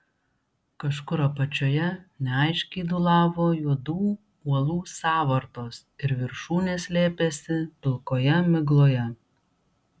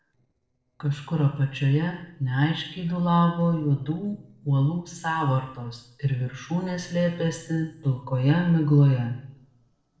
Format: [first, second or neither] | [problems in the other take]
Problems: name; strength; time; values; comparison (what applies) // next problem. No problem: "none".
first | noise reduction (neural separator model SepFormer DNS4)